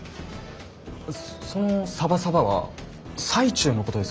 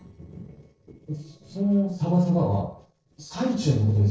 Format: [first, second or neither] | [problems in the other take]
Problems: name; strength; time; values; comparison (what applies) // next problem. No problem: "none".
first | noise reduction (neural separator model SepFormer DNS4)